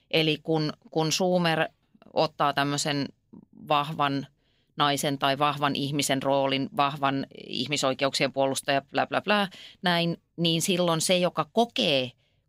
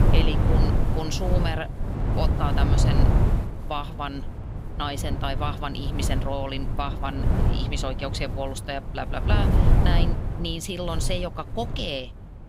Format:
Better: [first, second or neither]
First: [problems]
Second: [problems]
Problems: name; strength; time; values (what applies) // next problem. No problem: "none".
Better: first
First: none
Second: wind noise on the microphone; heavy; 4 dB below the speech